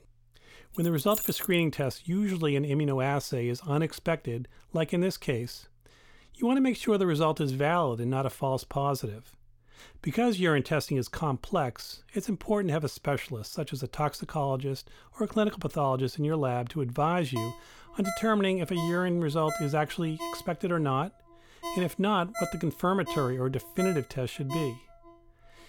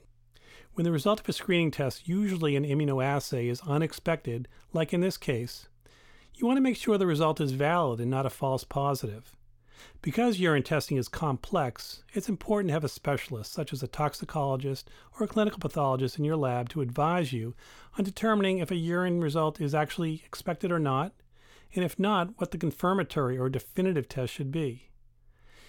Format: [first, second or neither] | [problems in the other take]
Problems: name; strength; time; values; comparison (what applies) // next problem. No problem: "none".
second | jangling keys; noticeable; at 0.5 s; peak 2 dB below the speech // phone ringing; noticeable; from 17 to 25 s; peak 8 dB below the speech